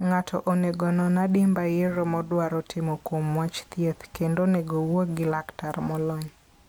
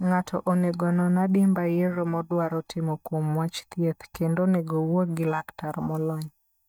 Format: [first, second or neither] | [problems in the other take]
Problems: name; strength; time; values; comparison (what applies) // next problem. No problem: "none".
first | noise reduction (neural mask model DeepFilterNet 3)